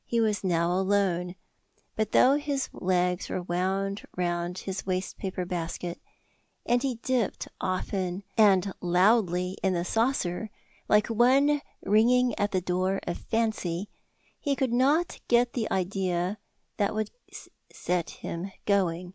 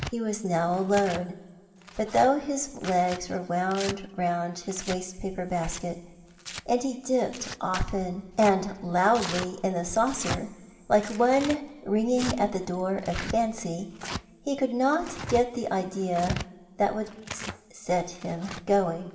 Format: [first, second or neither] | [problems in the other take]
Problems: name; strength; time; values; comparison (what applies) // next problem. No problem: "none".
first | background sound (Tearing); 13 dB below the speech // room echo; dies away in 2.3 s